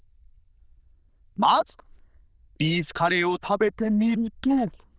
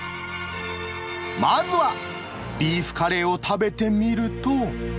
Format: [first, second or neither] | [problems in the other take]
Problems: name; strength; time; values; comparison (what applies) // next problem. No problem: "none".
second | noise reduction (neural diffusion model UNIVERSE++)